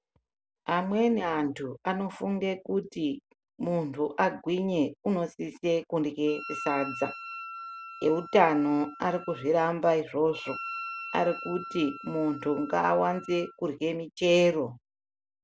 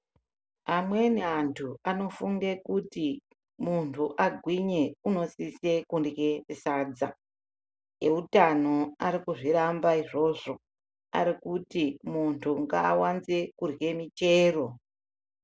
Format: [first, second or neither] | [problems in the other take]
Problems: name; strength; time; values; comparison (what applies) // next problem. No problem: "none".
second | background sound (Wind instrument, woodwind instrument); 13 dB below the speech